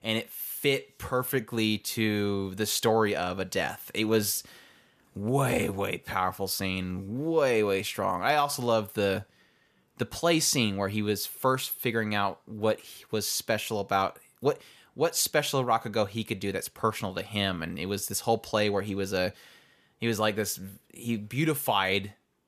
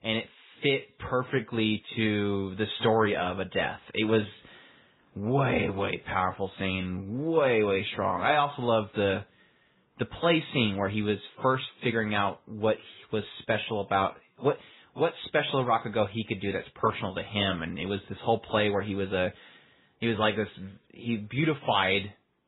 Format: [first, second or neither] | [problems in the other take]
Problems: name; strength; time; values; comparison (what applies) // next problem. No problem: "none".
first | garbled, watery; badly; nothing above 4 kHz